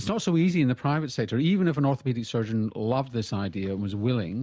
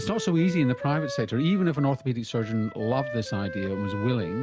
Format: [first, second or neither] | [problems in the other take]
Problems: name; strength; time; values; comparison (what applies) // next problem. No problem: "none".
first | background sound (Wind instrument, woodwind instrument); 11 dB below the speech